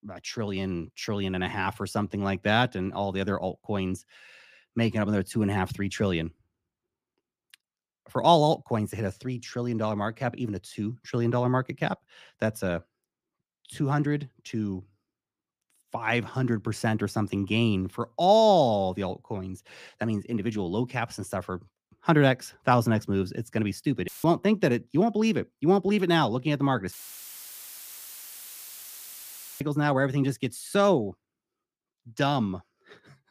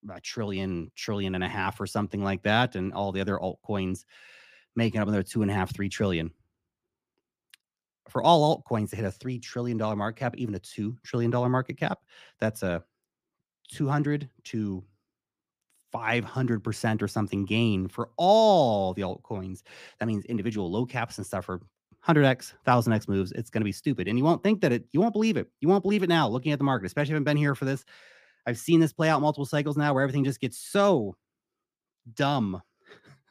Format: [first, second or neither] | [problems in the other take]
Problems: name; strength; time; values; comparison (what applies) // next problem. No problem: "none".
second | audio cutting out; filled with static; at 24 s and at 27 s for 2.5 s